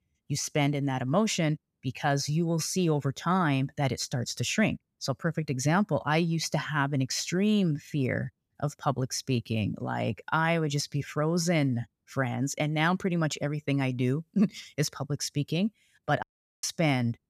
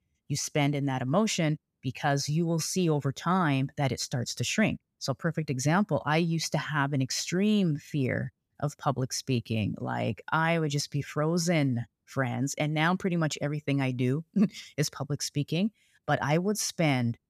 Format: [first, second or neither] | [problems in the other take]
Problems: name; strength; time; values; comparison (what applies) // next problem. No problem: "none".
second | audio cutting out; at 16 s